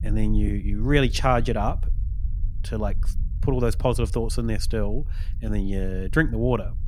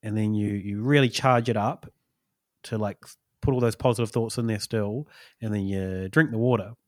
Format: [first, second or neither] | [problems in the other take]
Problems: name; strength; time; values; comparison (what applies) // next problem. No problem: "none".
second | low rumble; faint; throughout; 25 dB below the speech